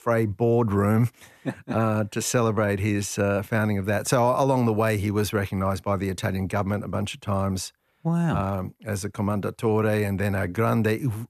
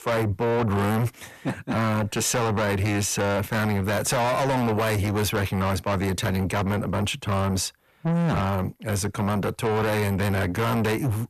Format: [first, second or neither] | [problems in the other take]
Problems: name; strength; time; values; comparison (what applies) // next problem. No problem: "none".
first | distortion; heavy; 6 dB below the speech